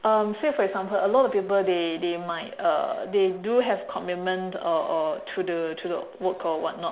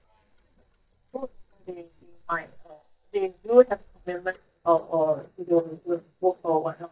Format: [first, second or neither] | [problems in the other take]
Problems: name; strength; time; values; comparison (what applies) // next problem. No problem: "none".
first | noise reduction (neural mask model DeepFilterNet 3)